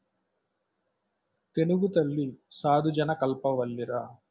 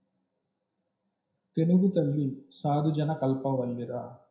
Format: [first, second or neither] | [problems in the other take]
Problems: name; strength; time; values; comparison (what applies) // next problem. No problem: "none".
first | room echo; dies away in 0.5 s